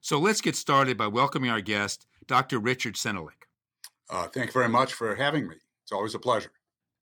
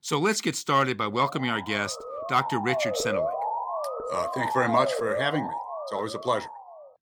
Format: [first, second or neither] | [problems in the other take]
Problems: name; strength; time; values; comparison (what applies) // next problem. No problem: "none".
first | siren; noticeable; from 1 s on; peak 1 dB below the speech